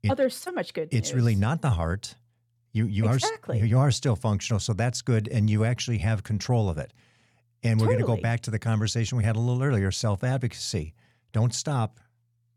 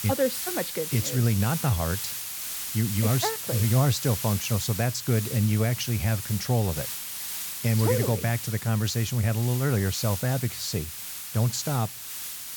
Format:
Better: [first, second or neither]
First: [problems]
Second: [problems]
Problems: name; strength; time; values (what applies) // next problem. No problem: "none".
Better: first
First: none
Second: hiss; loud; throughout; 6 dB below the speech